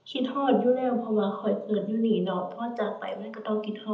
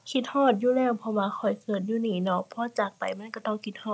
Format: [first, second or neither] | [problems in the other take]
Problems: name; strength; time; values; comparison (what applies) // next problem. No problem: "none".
second | room echo; dies away in 0.8 s